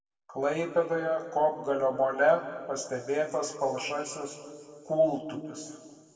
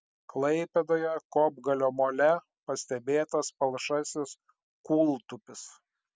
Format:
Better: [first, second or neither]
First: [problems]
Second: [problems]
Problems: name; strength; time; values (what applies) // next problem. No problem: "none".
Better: second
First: room echo; dies away in 2 s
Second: none